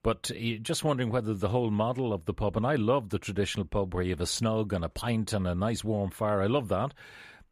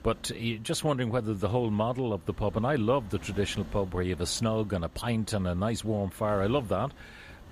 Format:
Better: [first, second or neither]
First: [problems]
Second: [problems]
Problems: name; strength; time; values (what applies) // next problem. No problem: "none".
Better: first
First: none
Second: wind noise on the microphone; occasional gusts; 20 dB below the speech